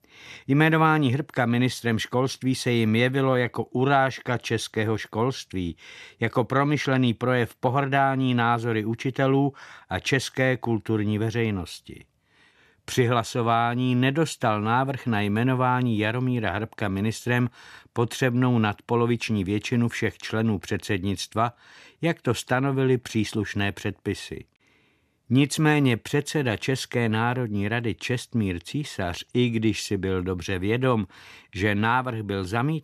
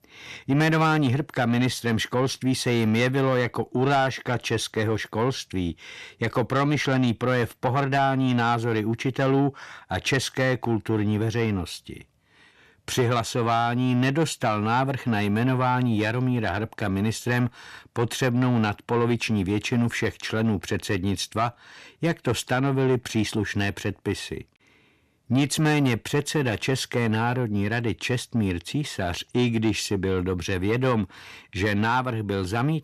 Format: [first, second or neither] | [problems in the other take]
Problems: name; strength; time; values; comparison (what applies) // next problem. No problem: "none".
first | distortion; slight; 10 dB below the speech